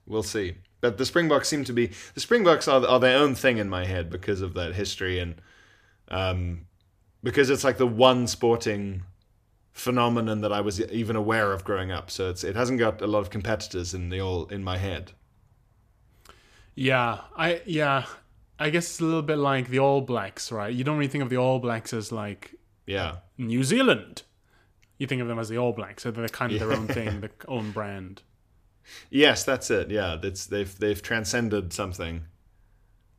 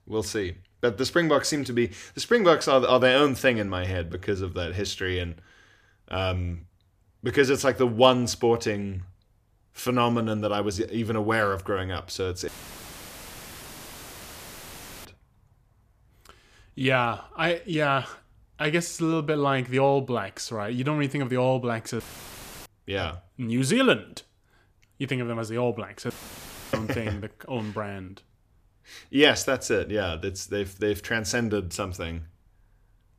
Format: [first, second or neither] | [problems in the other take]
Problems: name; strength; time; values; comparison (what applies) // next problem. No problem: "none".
first | audio cutting out; filled with static; at 12 s for 2.5 s, at 22 s for 0.5 s and at 26 s for 0.5 s